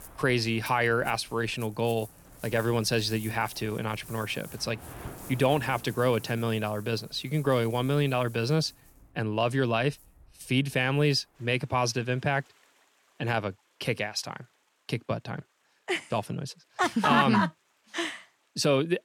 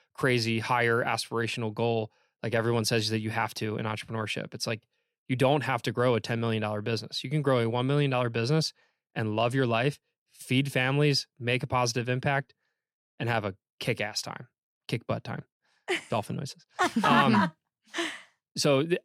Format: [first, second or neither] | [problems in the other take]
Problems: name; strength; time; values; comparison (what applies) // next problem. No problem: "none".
second | rain or running water; noticeable; throughout; 20 dB below the speech